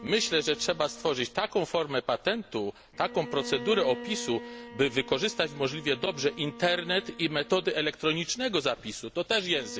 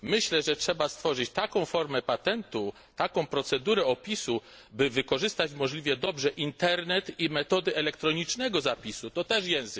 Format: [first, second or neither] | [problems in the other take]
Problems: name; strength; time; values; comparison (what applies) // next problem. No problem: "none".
second | background sound (Bowed string instrument); 16 dB below the speech